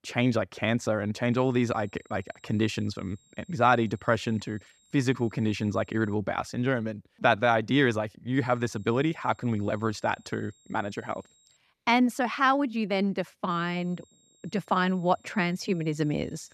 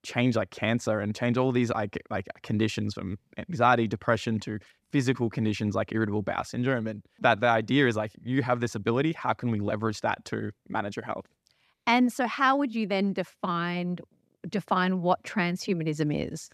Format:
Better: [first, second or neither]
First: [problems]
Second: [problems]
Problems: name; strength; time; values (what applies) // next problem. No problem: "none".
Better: second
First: high-pitched whine; faint; from 1.5 to 6 s, from 8.5 to 12 s and from 14 s on; 7.5 kHz, 35 dB below the speech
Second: none